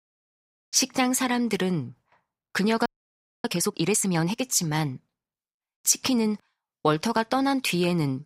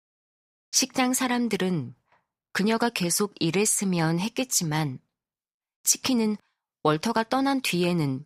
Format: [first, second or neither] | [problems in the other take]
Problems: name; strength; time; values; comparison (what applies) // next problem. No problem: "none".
second | audio freezing; at 3 s for 0.5 s